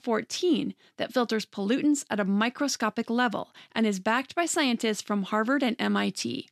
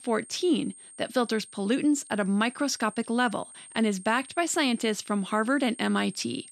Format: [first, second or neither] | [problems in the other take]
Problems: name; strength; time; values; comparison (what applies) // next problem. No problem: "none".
first | high-pitched whine; noticeable; throughout; 8.5 kHz, 20 dB below the speech